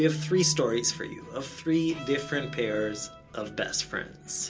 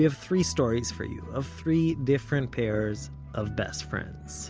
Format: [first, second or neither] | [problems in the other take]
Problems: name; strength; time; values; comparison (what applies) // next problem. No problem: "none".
second | background sound (Bowed string instrument); 17 dB below the speech // room echo; dies away in 0.2 s